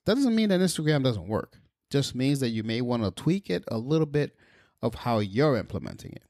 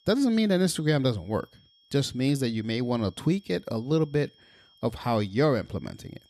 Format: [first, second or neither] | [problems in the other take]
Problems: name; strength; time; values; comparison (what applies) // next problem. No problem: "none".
first | high-pitched whine; faint; throughout; 3.5 kHz, 30 dB below the speech